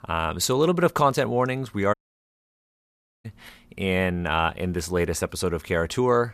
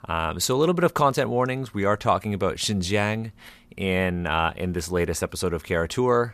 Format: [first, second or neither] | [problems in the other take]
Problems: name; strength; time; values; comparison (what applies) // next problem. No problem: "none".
second | audio cutting out; at 2 s for 1.5 s